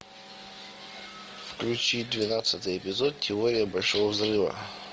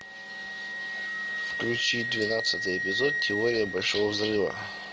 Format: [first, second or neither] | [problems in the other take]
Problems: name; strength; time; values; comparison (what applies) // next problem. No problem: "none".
first | background sound (Wind instrument, woodwind instrument); 3 dB below the speech